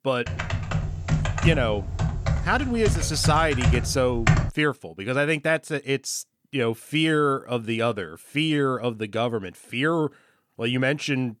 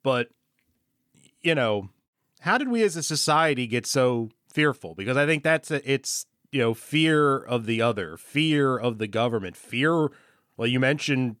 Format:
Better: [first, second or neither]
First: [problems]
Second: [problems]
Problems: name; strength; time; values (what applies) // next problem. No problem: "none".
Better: second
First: keyboard typing; loud; until 4.5 s; peak 3 dB above the speech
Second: none